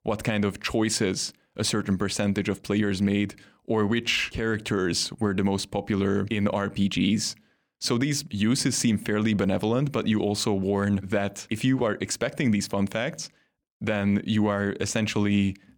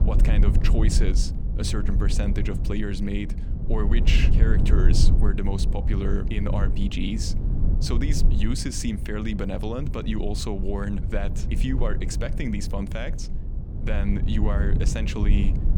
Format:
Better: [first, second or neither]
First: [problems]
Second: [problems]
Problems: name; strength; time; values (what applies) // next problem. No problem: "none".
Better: first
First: none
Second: low rumble; loud; throughout; 7 dB below the speech